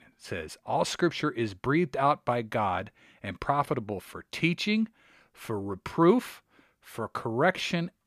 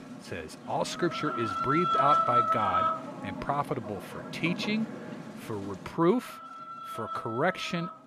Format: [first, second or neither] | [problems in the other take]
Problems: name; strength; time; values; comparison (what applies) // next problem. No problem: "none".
first | animal sounds; very loud; throughout; 1 dB above the speech